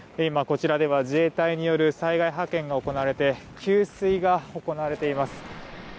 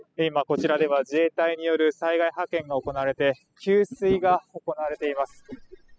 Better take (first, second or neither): first